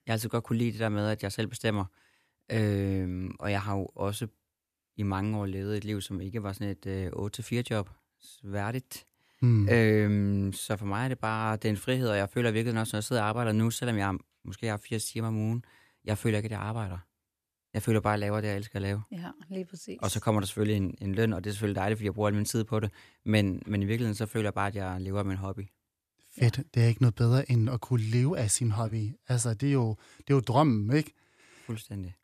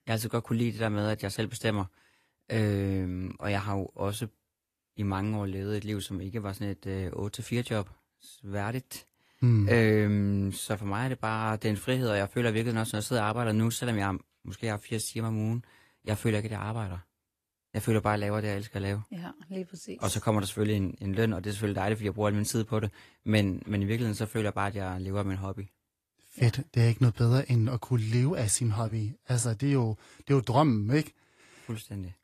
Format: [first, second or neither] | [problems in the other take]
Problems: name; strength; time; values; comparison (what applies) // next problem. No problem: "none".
first | garbled, watery; slightly; nothing above 14.5 kHz